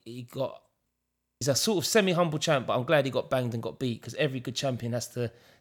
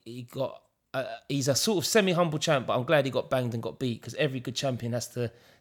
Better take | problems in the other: second | audio freezing; at 1 s

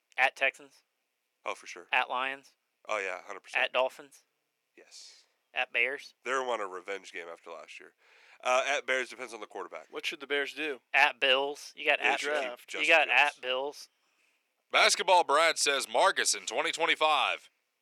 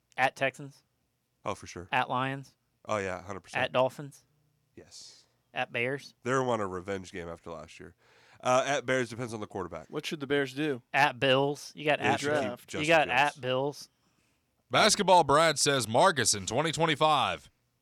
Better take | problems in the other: second | thin; somewhat; fading below 400 Hz

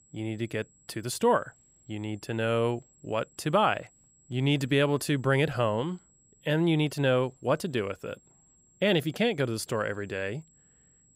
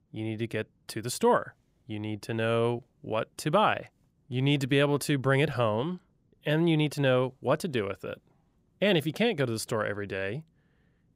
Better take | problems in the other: second | high-pitched whine; faint; throughout; 7.5 kHz, 30 dB below the speech

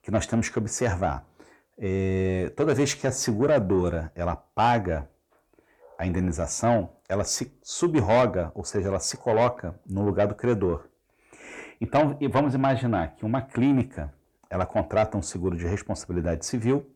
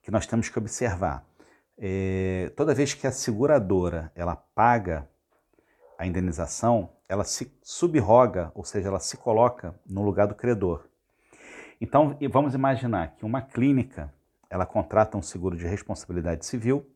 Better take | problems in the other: second | distortion; slight; 10 dB below the speech

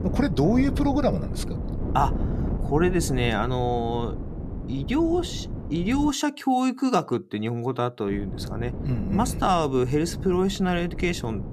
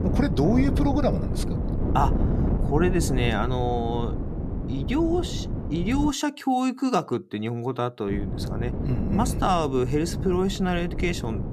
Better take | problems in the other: first | wind noise on the microphone; heavy; until 6 s and from 8 s on; 9 dB below the speech; occasional gusts in the first

